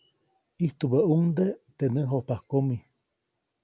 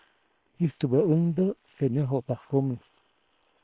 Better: first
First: none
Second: noise reduction (neural separator model SepFormer WHAM!)

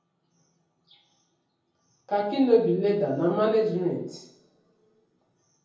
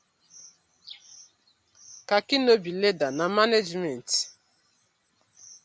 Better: second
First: room echo; dies away in 0.7 s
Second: none

